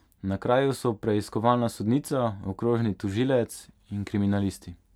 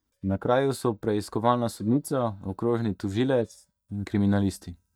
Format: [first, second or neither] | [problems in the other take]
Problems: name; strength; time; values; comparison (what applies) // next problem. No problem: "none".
first | noise reduction (neural mask model DeepFilterNet 3)